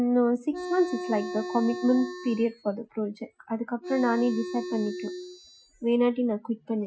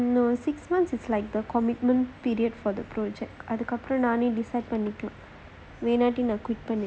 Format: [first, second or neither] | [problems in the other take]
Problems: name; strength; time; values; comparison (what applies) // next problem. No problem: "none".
second | noise reduction (classical method Wiener filter)